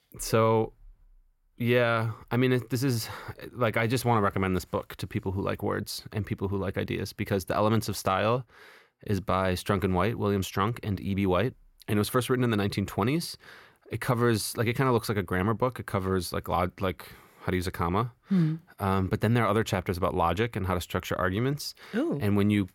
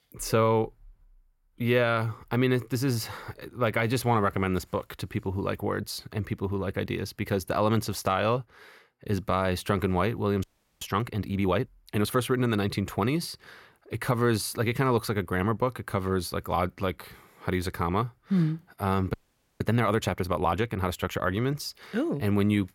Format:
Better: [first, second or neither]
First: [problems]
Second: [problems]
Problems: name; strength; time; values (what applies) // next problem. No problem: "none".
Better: first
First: none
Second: audio freezing; at 10 s and at 19 s